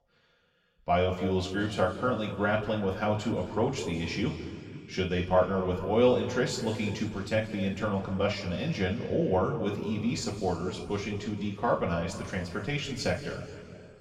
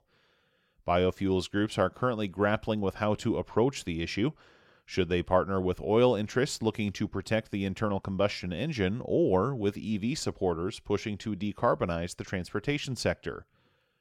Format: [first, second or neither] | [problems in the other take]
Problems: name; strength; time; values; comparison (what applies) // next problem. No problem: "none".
second | room echo; noticeable; dies away in 2 s // off-mic speech; far